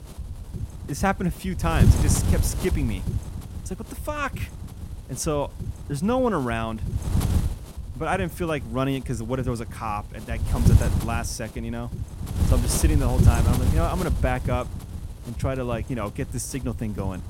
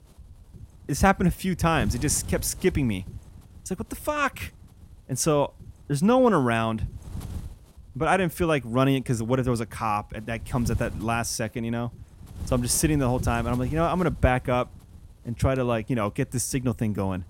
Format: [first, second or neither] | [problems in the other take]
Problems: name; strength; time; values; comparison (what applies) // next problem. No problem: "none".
second | wind noise on the microphone; heavy; 8 dB below the speech; occasional gusts in the second